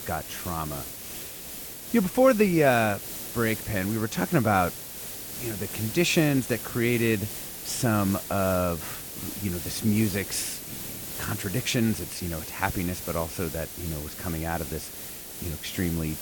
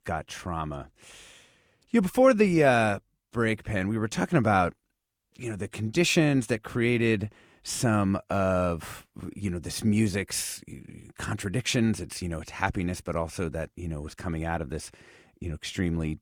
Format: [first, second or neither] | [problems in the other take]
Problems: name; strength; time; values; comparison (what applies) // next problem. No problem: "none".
second | hiss; loud; throughout; 8 dB below the speech